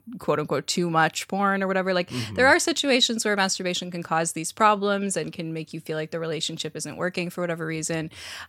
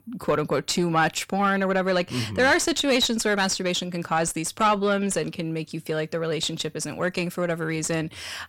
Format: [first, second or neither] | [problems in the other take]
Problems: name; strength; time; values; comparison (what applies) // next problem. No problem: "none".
first | distortion; slight; 10 dB below the speech